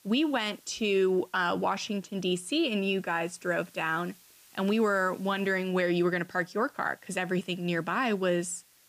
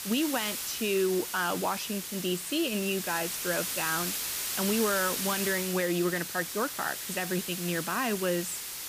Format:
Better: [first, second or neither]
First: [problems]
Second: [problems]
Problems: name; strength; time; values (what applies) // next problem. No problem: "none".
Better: first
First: hiss; faint; throughout; 30 dB below the speech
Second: hiss; loud; throughout; 2 dB below the speech